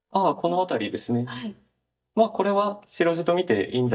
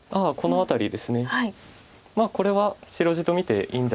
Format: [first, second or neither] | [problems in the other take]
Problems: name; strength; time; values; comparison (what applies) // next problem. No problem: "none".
second | noise reduction (neural mask model DeepFilterNet 3)